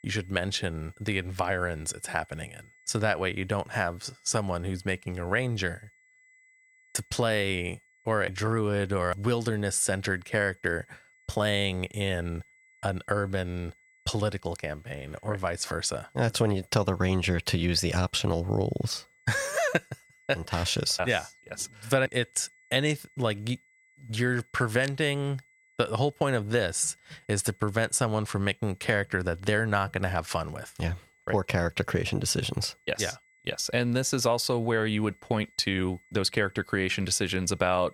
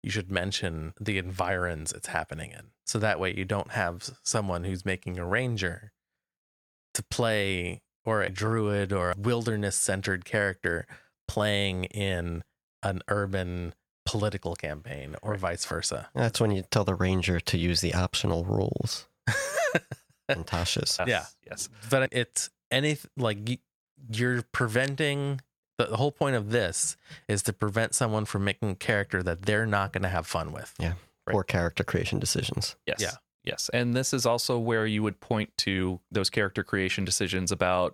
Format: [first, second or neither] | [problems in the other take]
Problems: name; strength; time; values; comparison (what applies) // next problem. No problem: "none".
second | high-pitched whine; faint; throughout; 2 kHz, 30 dB below the speech